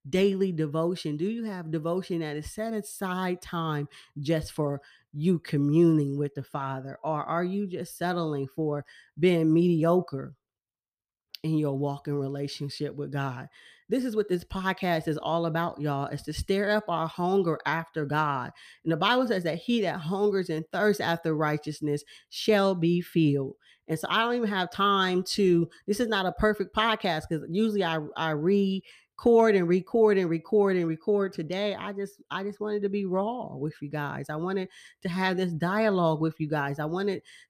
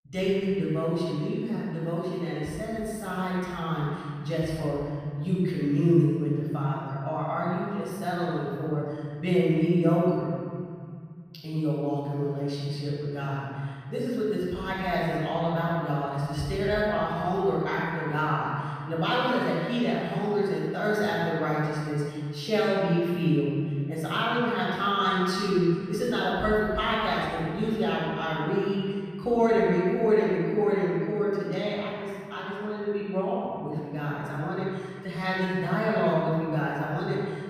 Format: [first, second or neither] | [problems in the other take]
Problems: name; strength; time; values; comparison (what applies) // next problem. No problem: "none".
first | off-mic speech; far // room echo; strong; dies away in 2.2 s